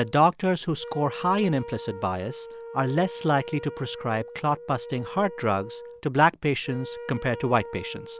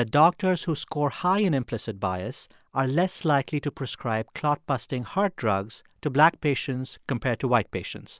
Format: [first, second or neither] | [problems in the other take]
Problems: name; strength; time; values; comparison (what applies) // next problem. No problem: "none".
second | background sound (Wind instrument, woodwind instrument); 14 dB below the speech